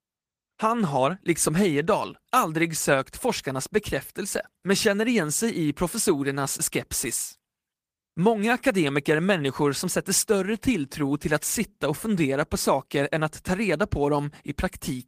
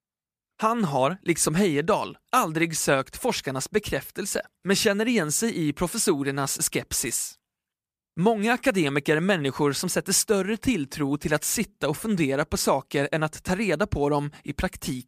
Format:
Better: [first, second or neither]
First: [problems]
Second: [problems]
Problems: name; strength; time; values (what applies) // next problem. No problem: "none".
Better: second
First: garbled, watery; slightly; nothing above 15 kHz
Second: none